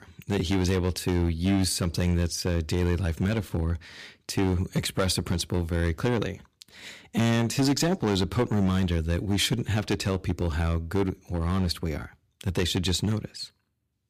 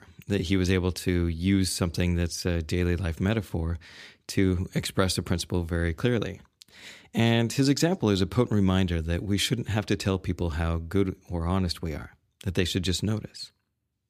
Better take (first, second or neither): second